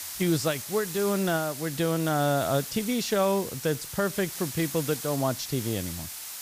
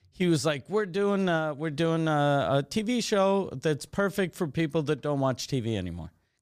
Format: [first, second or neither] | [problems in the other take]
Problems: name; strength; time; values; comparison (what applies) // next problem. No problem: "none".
second | hiss; loud; throughout; 8 dB below the speech